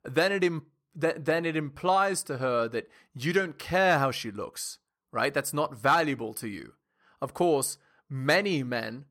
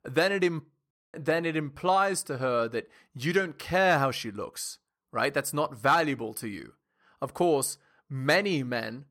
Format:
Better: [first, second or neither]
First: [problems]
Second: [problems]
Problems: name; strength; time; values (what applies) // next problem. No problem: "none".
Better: first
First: none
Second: audio cutting out; at 1 s